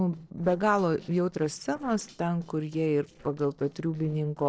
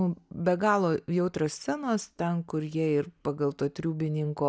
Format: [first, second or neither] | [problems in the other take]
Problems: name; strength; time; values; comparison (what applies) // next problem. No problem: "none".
second | noise reduction (neural separator model SepFormer DNS4)